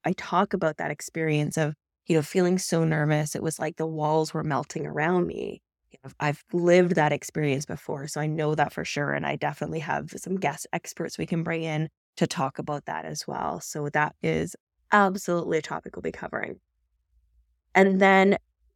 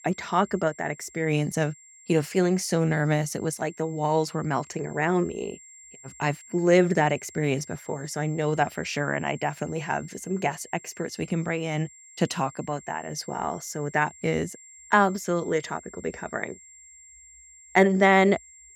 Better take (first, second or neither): first